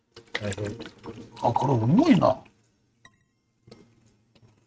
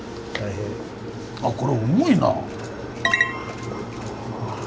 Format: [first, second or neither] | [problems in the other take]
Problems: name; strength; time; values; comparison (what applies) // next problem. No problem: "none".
second | noise reduction (neural mask model RNNoise)